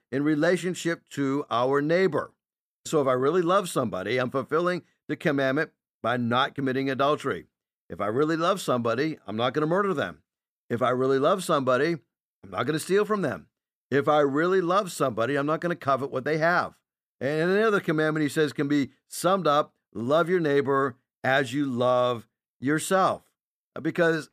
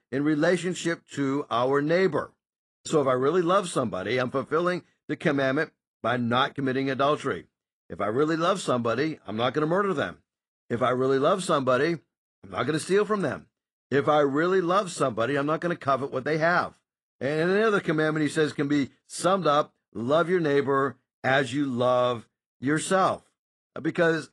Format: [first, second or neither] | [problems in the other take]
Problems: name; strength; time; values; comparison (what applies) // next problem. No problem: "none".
first | garbled, watery; slightly; nothing above 10 kHz